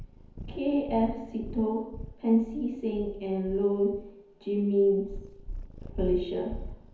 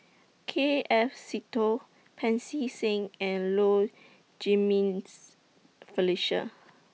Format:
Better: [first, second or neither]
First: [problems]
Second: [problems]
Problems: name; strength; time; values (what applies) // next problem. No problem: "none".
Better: second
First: background sound (Purr); 12 dB below the speech // room echo; dies away in 0.9 s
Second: none